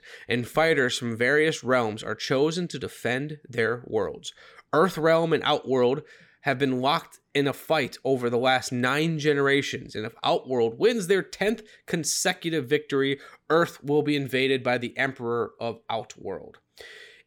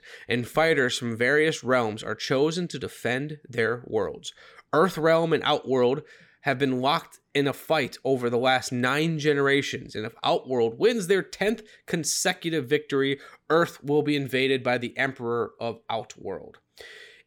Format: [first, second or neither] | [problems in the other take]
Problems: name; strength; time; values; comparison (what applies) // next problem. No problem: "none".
neither | none